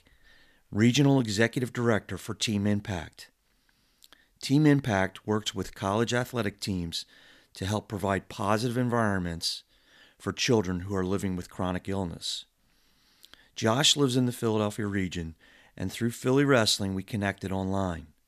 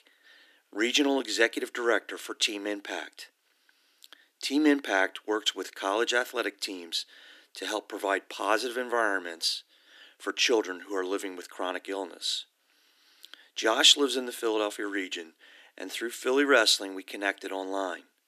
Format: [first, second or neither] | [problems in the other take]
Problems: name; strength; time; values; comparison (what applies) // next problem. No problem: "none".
first | thin; somewhat; fading below 300 Hz